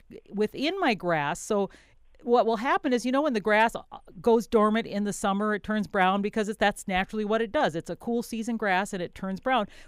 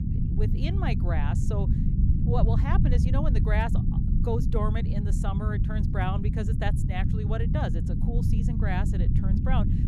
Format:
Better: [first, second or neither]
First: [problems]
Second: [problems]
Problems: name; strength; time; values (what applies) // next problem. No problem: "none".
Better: first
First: none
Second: low rumble; loud; throughout; 3 dB below the speech